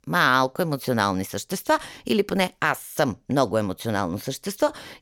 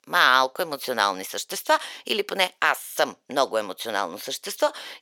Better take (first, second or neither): first